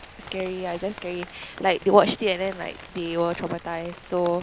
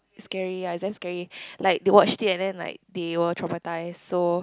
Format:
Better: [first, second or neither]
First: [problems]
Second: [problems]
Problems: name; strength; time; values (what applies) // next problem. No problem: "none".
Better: second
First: background sound (Rain); 18 dB below the speech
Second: none